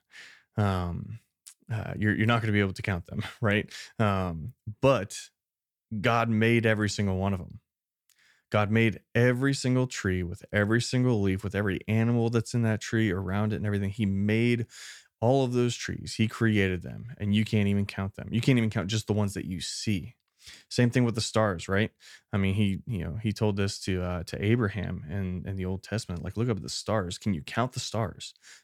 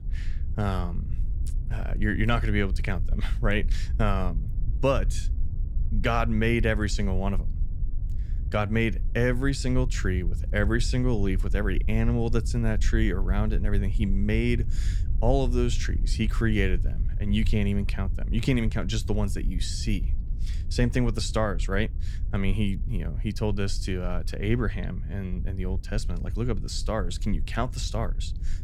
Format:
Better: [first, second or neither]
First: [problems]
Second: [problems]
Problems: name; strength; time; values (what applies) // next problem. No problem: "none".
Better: first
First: none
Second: low rumble; noticeable; throughout; 20 dB below the speech